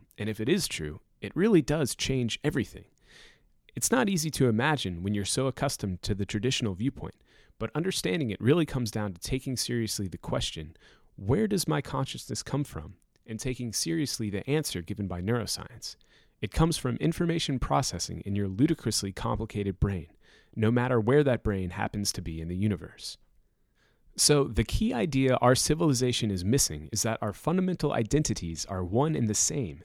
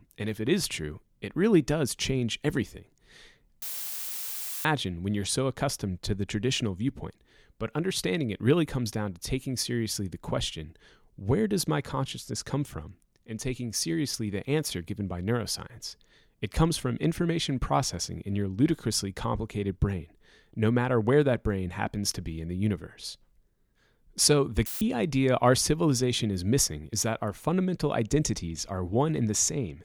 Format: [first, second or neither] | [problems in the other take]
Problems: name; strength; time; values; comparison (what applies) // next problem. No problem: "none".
first | audio cutting out; filled with static; at 3.5 s for 1 s and at 25 s